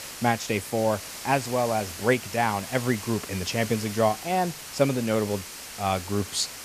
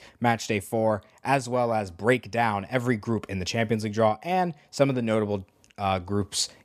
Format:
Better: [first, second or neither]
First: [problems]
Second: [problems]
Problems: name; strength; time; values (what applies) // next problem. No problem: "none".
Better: second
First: hiss; loud; throughout; 10 dB below the speech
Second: none